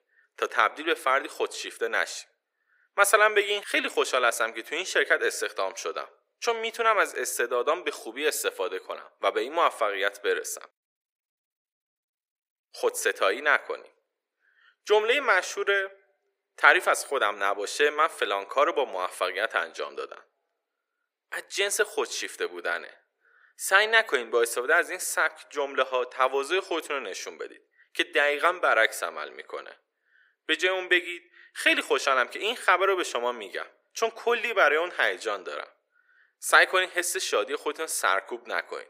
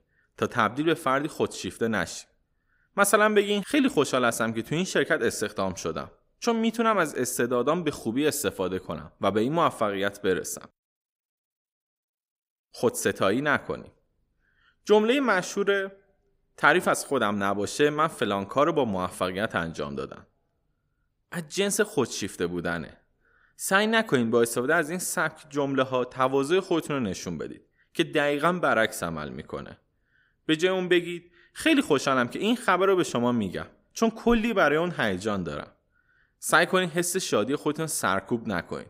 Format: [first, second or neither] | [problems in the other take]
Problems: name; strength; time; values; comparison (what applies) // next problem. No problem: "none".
second | thin; very; fading below 400 Hz